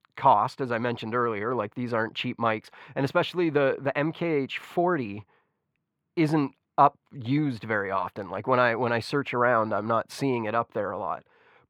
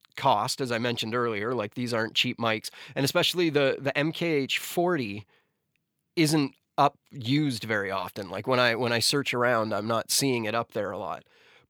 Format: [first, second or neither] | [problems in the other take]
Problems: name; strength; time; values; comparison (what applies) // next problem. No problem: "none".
second | muffled; very; fading above 3.5 kHz